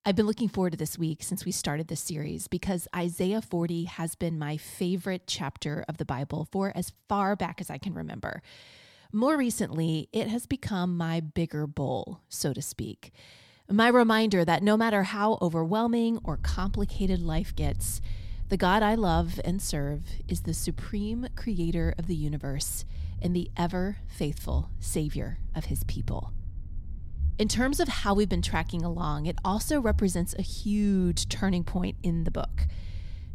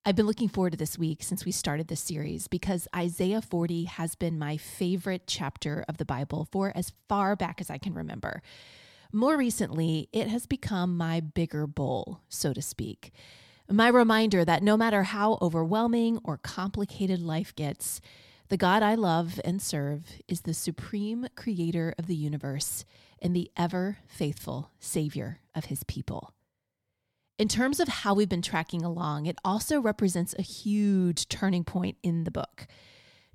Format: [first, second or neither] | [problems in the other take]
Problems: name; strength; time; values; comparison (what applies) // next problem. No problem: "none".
second | low rumble; faint; from 16 s on; 25 dB below the speech